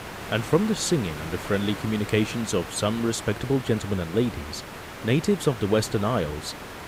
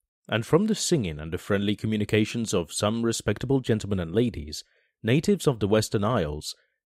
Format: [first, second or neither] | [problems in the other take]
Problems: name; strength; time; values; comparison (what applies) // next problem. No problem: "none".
second | hiss; noticeable; throughout; 10 dB below the speech